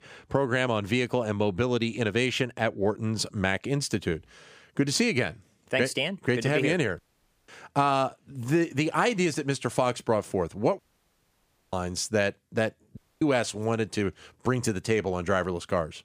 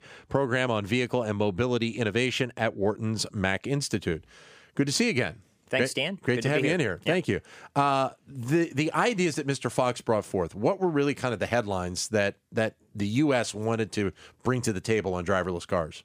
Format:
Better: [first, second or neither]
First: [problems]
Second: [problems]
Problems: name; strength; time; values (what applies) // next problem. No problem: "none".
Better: second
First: audio cutting out; at 7 s, at 11 s for 1 s and at 13 s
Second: none